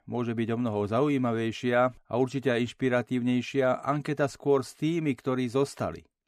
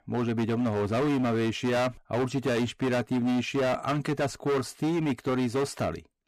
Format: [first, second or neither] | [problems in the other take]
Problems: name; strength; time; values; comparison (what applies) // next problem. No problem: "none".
first | distortion; heavy; 23% of the sound clipped